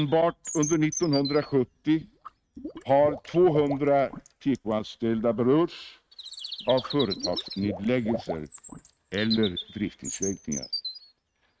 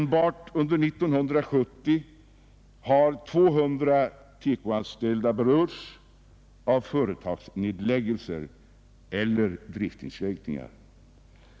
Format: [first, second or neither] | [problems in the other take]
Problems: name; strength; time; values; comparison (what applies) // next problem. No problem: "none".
second | noise reduction (neural mask model RNNoise)